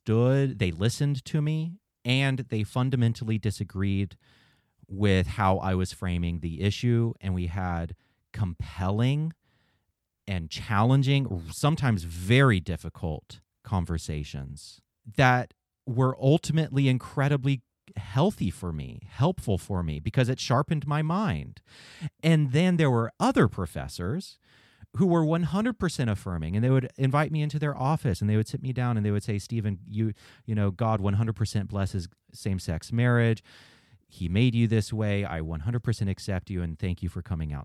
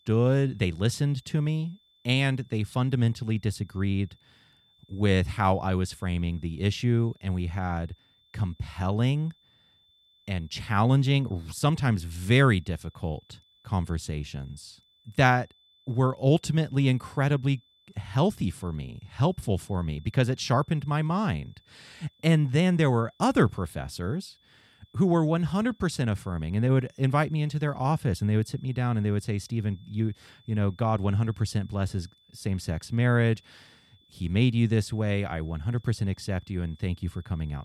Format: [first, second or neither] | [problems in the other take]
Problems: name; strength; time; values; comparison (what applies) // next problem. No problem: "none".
first | high-pitched whine; faint; throughout; 3.5 kHz, 35 dB below the speech